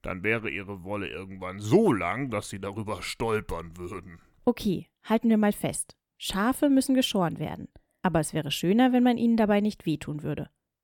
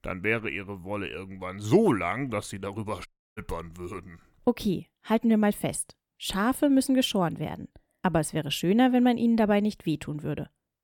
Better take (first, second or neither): first